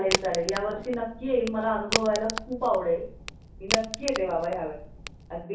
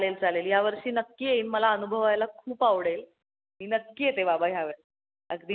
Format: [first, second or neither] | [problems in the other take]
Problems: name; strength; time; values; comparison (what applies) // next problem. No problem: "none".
second | background sound (Crack); 5 dB below the speech // room echo; dies away in 0.6 s